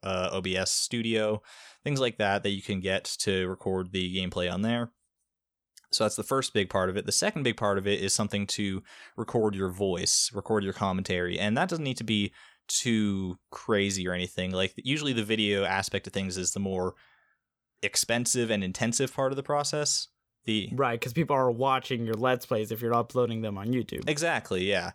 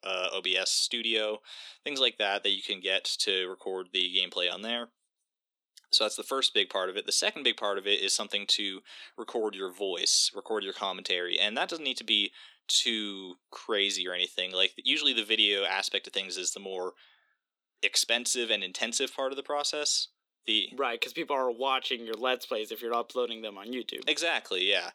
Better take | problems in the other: first | thin; somewhat; fading below 250 Hz

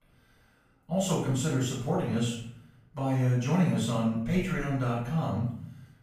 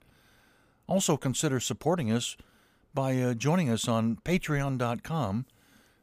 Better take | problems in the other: second | off-mic speech; far // room echo; noticeable; dies away in 0.6 s

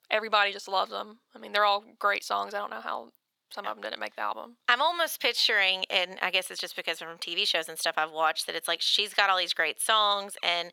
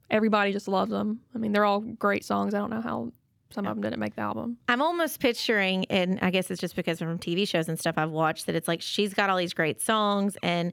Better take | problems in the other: second | thin; very; fading below 850 Hz

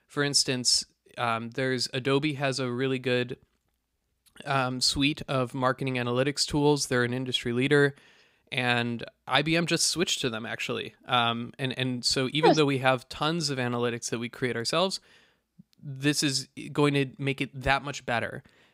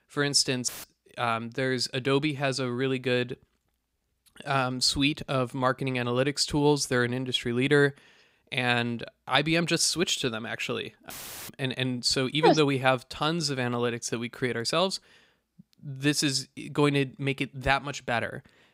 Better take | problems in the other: first | audio cutting out; filled with static; at 0.5 s and at 11 s

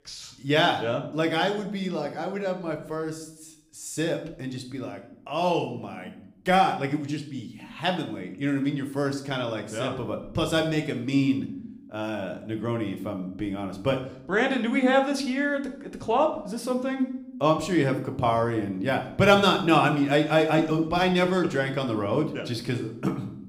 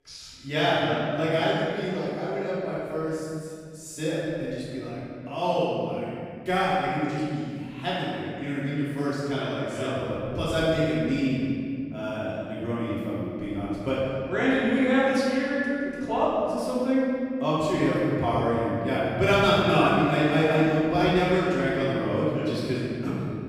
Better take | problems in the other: first | room echo; strong; dies away in 2.3 s; slight in the first // off-mic speech; far

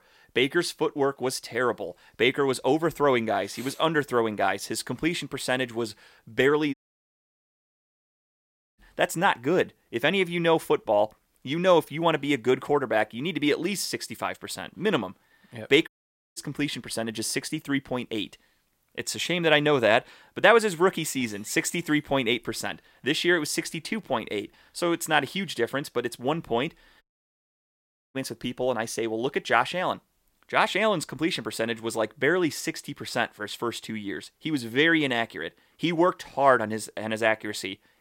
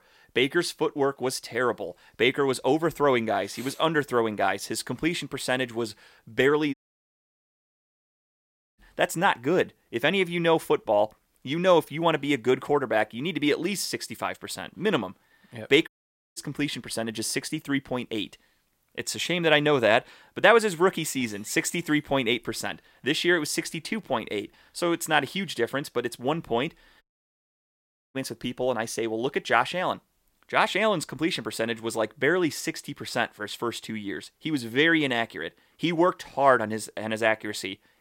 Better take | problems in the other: neither | audio cutting out; at 6.5 s for 2 s, at 16 s and at 27 s for 1 s; the same in both

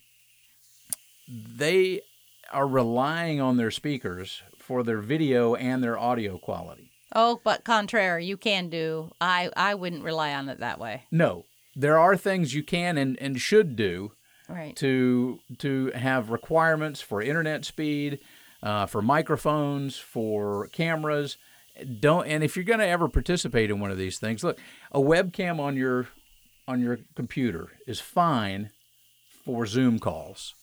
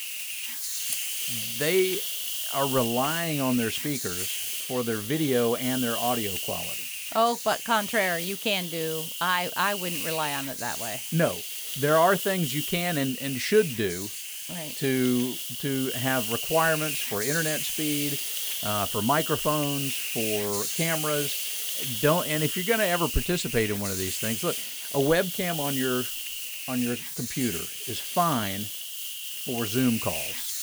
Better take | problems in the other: first | hiss; loud; throughout; 2 dB below the speech; faint in the first

